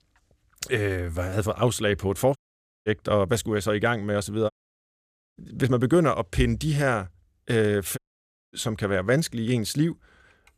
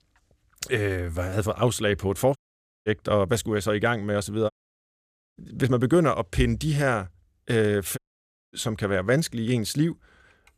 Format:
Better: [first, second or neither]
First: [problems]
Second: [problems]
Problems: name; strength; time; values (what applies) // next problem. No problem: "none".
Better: neither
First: audio cutting out; at 2.5 s for 0.5 s, at 4.5 s for 1 s and at 8 s for 0.5 s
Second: audio cutting out; at 2.5 s for 0.5 s, at 4.5 s for 1 s and at 8 s for 0.5 s